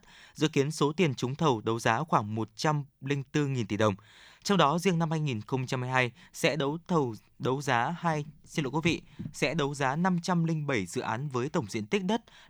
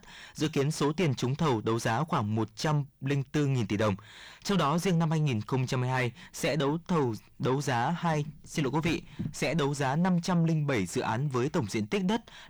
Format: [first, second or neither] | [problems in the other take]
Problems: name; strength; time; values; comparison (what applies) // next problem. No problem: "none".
first | distortion; heavy; 7 dB below the speech